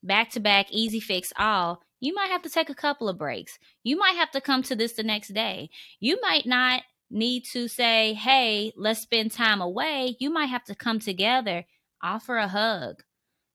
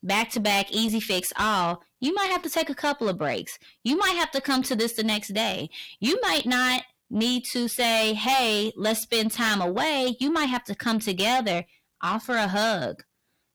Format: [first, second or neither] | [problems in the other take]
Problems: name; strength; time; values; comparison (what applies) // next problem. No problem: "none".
first | distortion; heavy; 7 dB below the speech